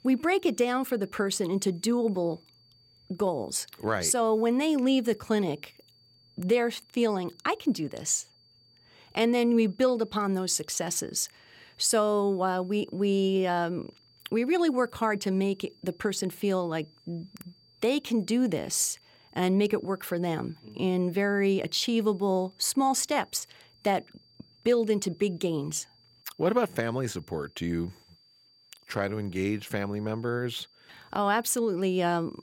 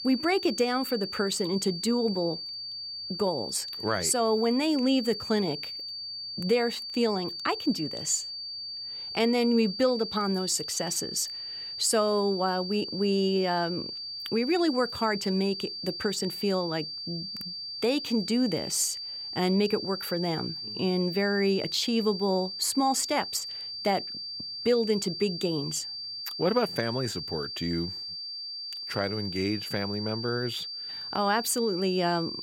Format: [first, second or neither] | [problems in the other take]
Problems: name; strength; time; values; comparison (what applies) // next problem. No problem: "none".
first | high-pitched whine; loud; throughout; 4.5 kHz, 6 dB below the speech; faint in the first